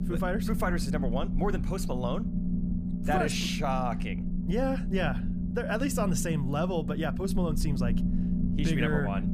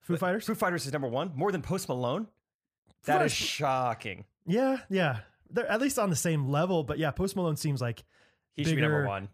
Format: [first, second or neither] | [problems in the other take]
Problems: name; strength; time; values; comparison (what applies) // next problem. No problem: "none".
second | low rumble; loud; throughout; 7 dB below the speech